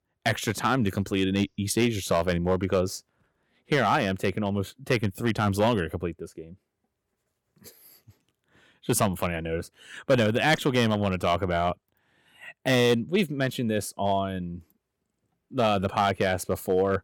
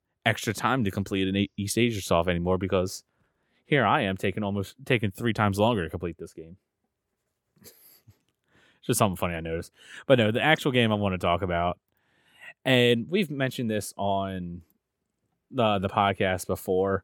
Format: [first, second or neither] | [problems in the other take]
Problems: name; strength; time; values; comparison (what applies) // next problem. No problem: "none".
second | distortion; slight; 1.8% of the sound clipped